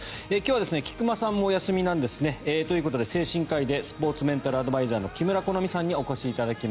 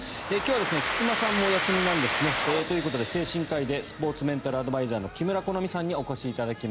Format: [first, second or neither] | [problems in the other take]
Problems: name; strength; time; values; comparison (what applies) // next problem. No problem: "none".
first | background sound (Domestic sounds, home sounds); 4 dB below the speech